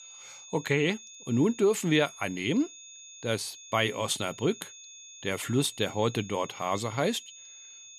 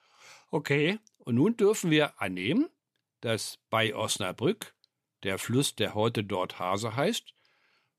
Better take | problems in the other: second | high-pitched whine; noticeable; throughout; 6.5 kHz, 15 dB below the speech

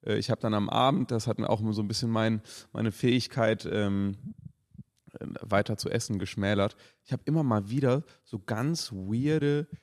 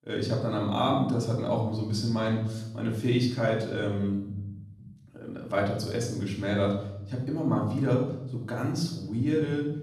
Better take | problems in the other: first | off-mic speech; far // room echo; noticeable; dies away in 0.8 s

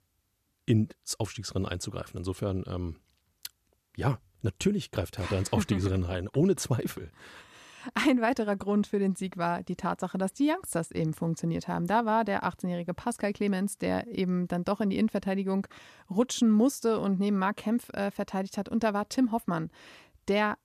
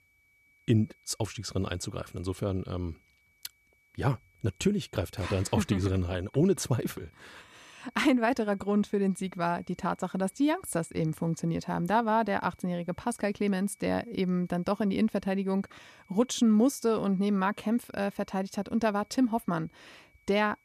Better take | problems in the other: first | high-pitched whine; faint; throughout; 2.5 kHz, 35 dB below the speech

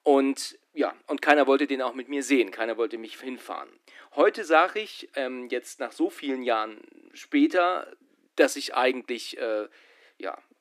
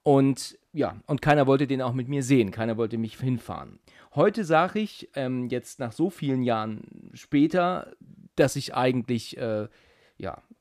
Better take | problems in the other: second | thin; very slightly; fading below 300 Hz

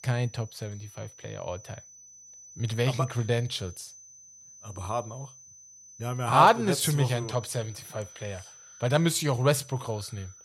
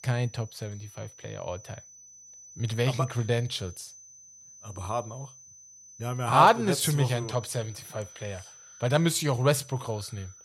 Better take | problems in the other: neither | high-pitched whine; faint; throughout; 6 kHz, 20 dB below the speech; the same in both

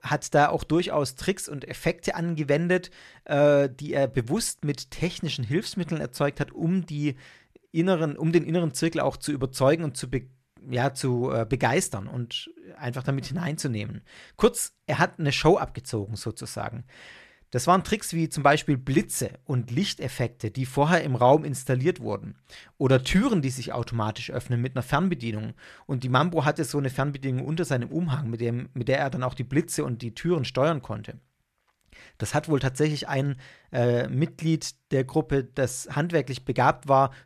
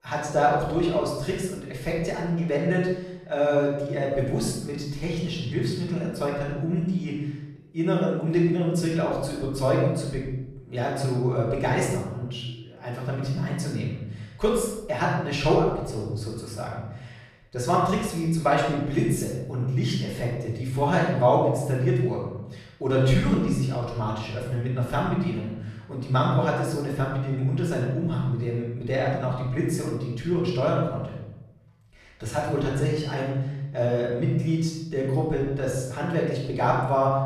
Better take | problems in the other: first | off-mic speech; far // room echo; noticeable; dies away in 0.9 s

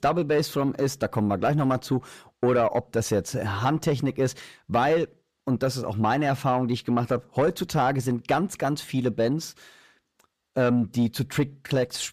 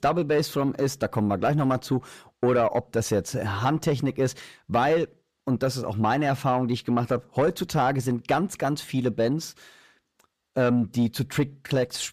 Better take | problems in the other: neither | distortion; slight; 10 dB below the speech; the same in both

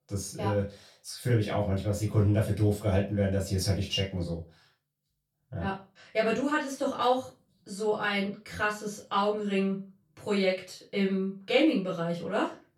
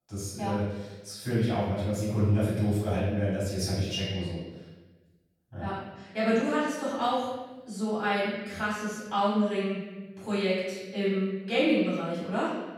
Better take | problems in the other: first | room echo; strong; dies away in 1.1 s; slight in the first // off-mic speech; far; far in the first

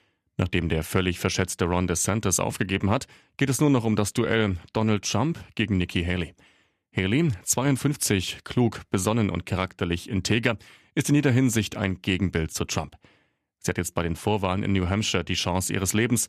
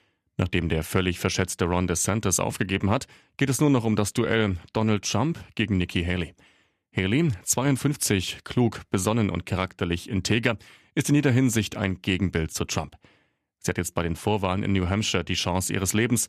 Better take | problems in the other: neither | none

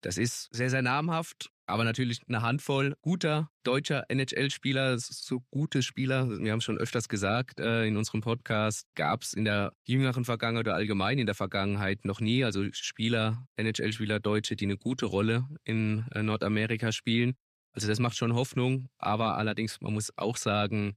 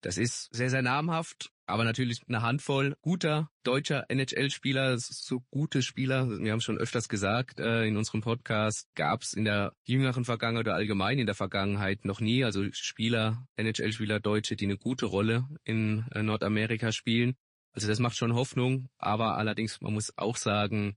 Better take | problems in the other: first | garbled, watery; slightly; nothing above 10.5 kHz

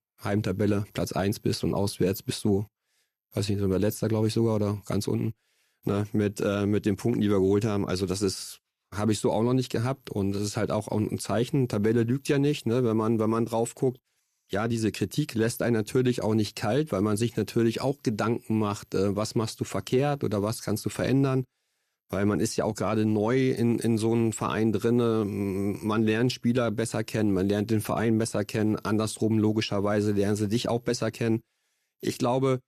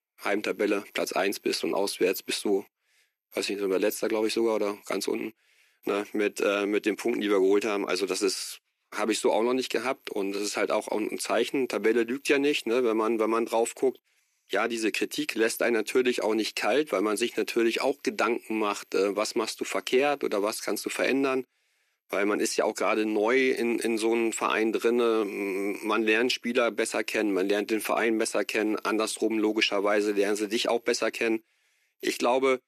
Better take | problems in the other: first | thin; somewhat; fading below 300 Hz

